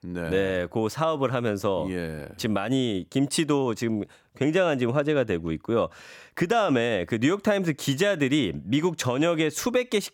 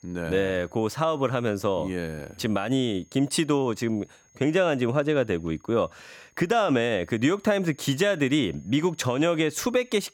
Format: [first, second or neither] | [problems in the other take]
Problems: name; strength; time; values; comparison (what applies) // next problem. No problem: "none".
first | high-pitched whine; faint; throughout; 6.5 kHz, 35 dB below the speech